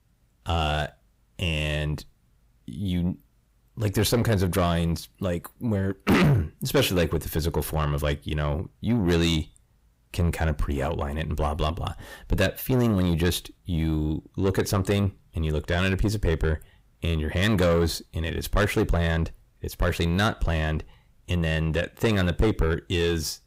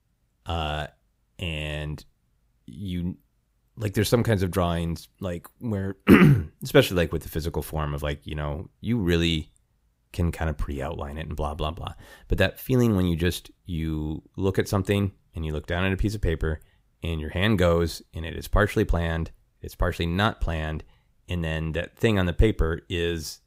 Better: second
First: distortion; heavy; 7 dB below the speech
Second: none

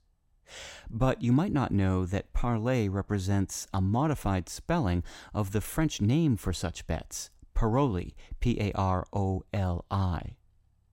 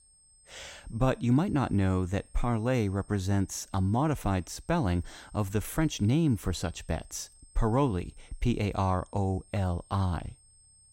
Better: first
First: none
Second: high-pitched whine; faint; throughout; 8.5 kHz, 30 dB below the speech

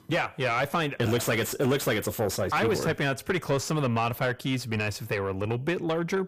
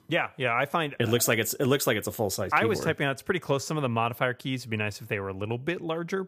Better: second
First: distortion; heavy; 7 dB below the speech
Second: none

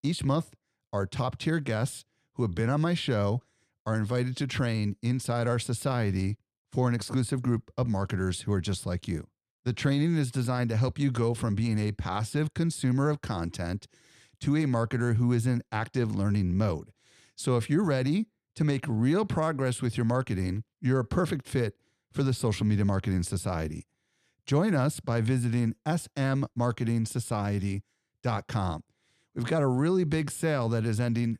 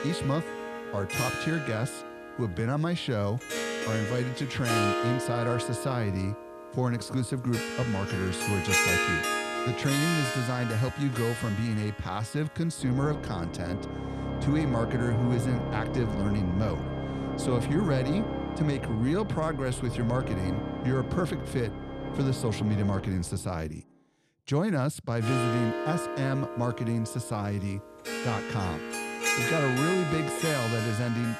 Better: first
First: none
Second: background music; loud; throughout; 2 dB below the speech

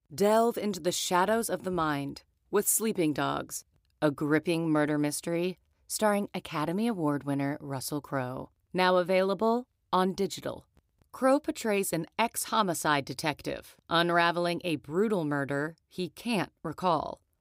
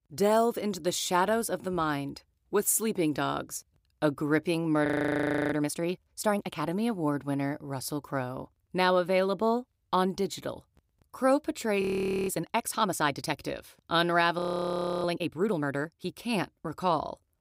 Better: first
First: none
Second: audio freezing; at 5 s for 0.5 s, at 12 s and at 14 s for 0.5 s

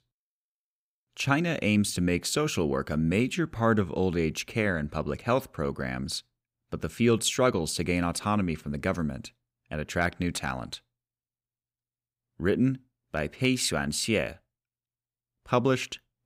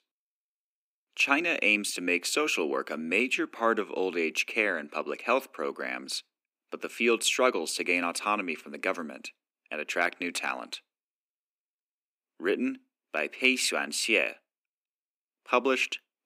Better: first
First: none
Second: thin; somewhat; fading below 250 Hz

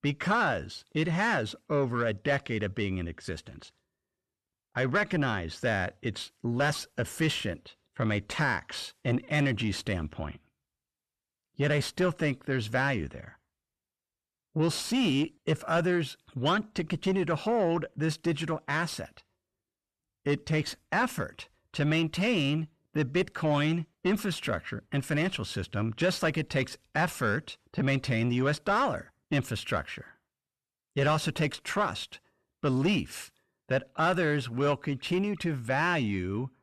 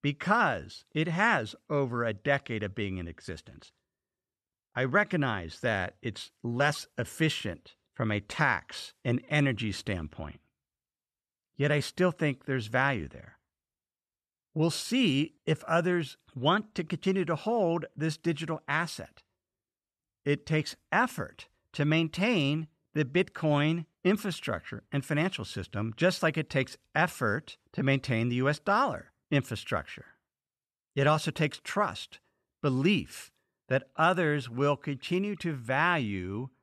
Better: second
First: distortion; slight; 9 dB below the speech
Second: none

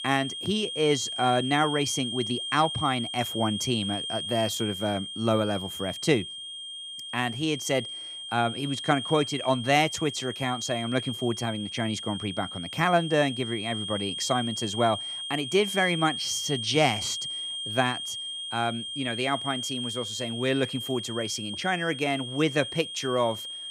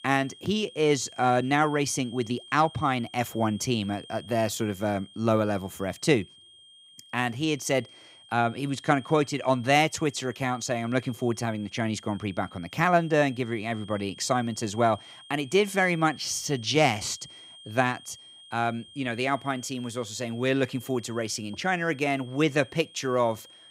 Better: second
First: high-pitched whine; loud; throughout; 3 kHz, 5 dB below the speech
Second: high-pitched whine; faint; throughout; 3 kHz, 20 dB below the speech

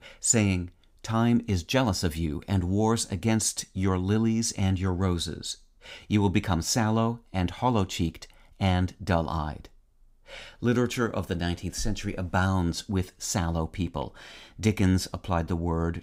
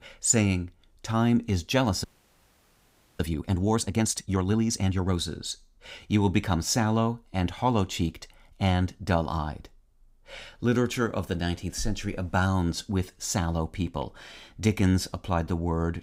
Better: first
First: none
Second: audio freezing; at 2 s for 1 s

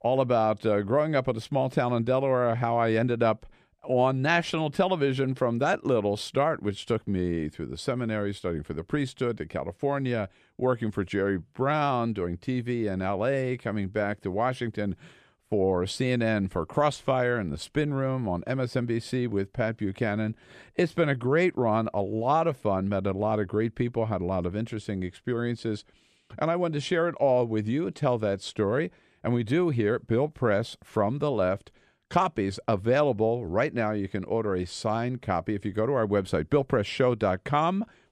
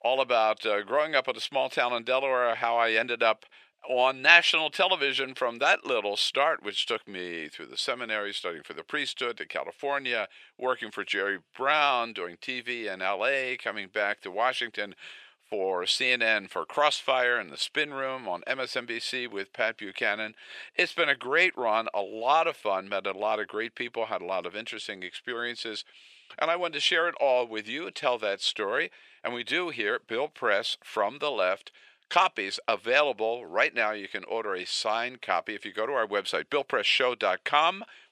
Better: first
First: none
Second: thin; very; fading below 600 Hz

